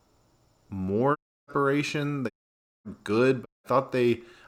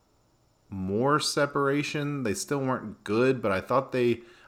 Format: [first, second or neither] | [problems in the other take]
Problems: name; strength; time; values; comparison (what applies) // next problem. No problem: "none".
second | audio cutting out; at 1 s, at 2.5 s for 0.5 s and at 3.5 s